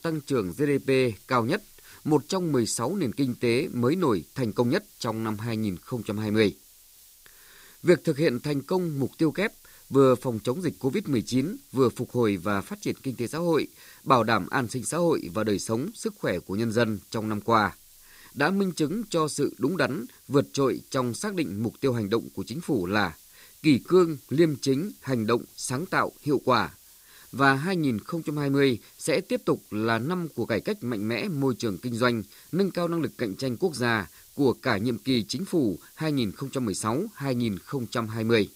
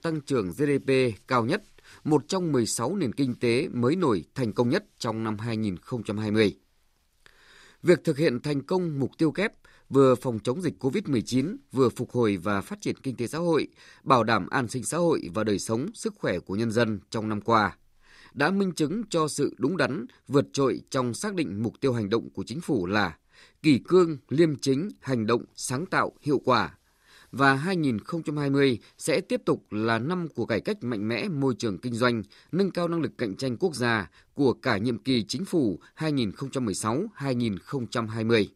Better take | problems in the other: second | hiss; faint; throughout; 25 dB below the speech

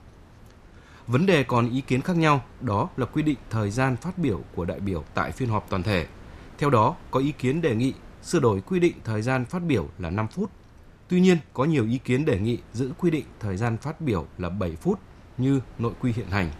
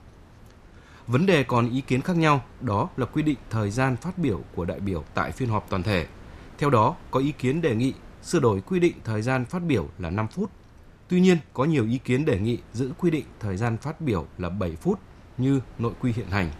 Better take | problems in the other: neither | wind noise on the microphone; occasional gusts; 25 dB below the speech; the same in both

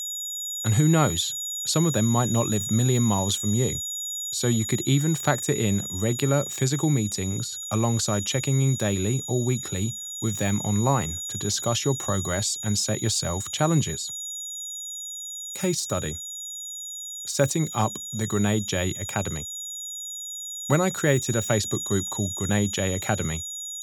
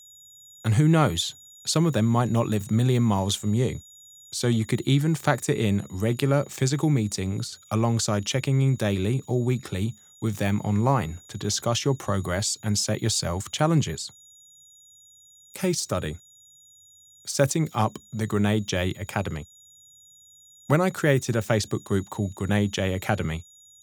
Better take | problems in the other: second | high-pitched whine; loud; throughout; 7 kHz, 5 dB below the speech; faint in the second

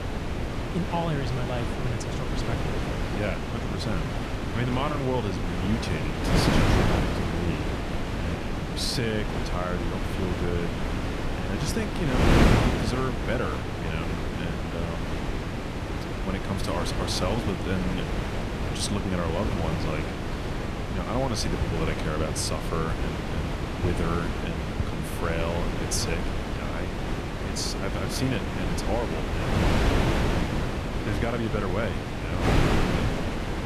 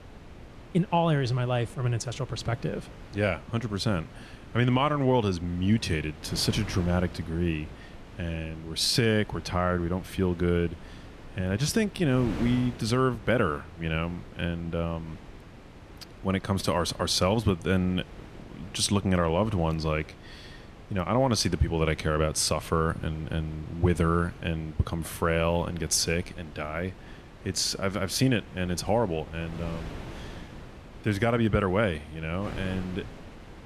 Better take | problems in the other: second | wind noise on the microphone; heavy; 2 dB above the speech; occasional gusts in the second

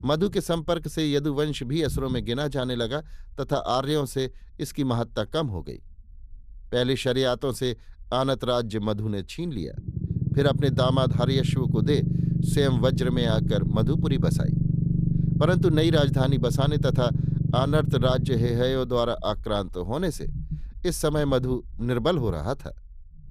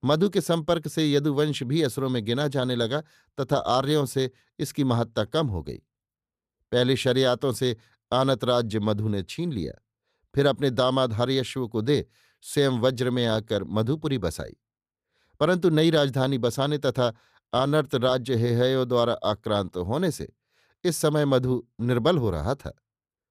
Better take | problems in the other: second | low rumble; loud; throughout; 9 dB below the speech

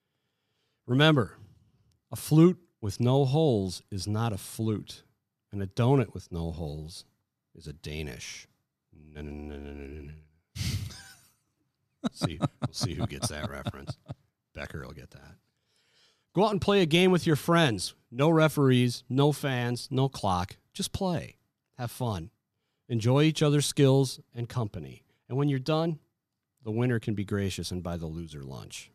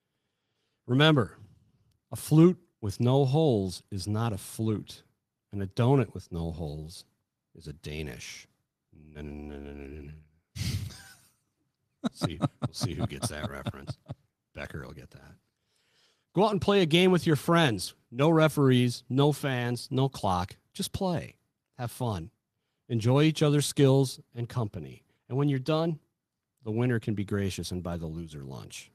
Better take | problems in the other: first | garbled, watery; slightly; nothing above 14.5 kHz

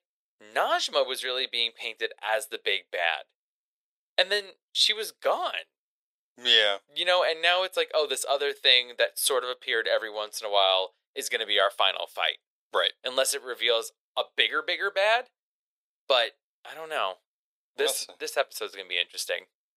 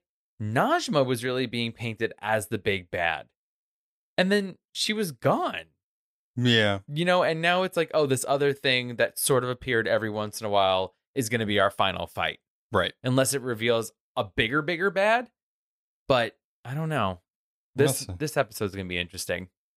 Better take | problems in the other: second | thin; very; fading below 500 Hz

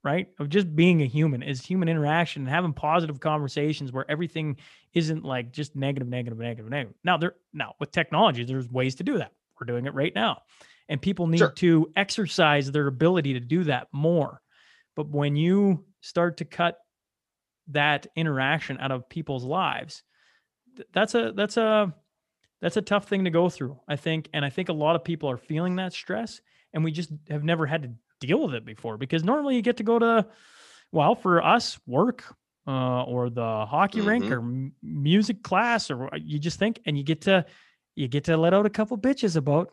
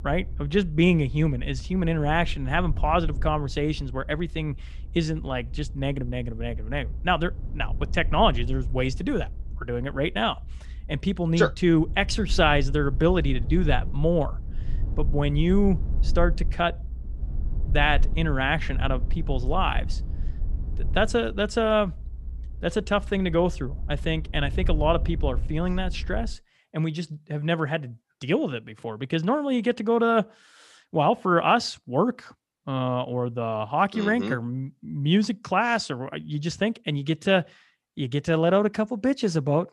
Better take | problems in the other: first | low rumble; faint; until 26 s; 25 dB below the speech

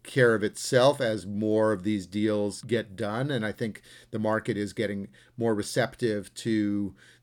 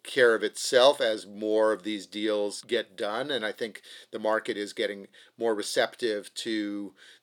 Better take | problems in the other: first | thin; somewhat; fading below 450 Hz

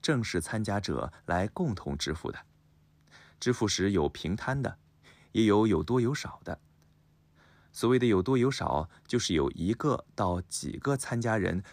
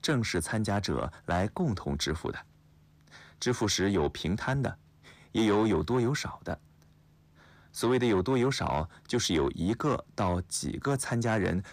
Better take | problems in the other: first | distortion; slight; 10 dB below the speech

